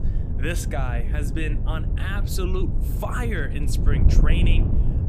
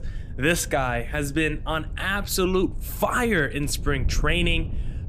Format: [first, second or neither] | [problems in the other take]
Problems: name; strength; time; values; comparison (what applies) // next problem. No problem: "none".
second | wind noise on the microphone; heavy; 6 dB below the speech; occasional gusts in the second